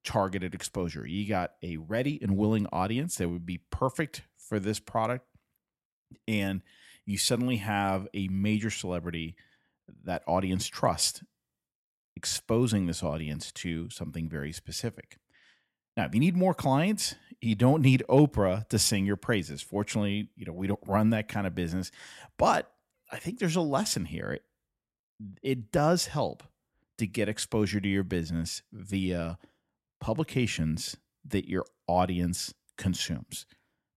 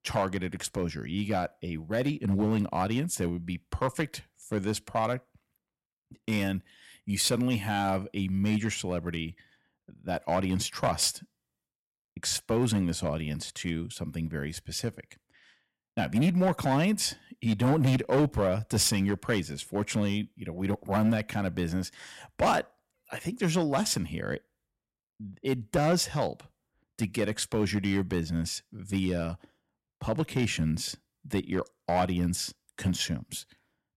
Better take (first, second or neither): first